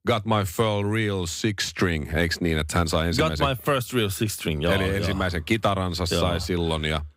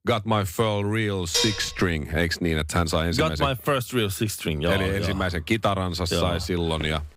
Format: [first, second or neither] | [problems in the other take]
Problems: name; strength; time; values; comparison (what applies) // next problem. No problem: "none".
first | clattering dishes; loud; at 1.5 s; peak 1 dB above the speech // footsteps; very faint; at 7 s; peak 15 dB below the speech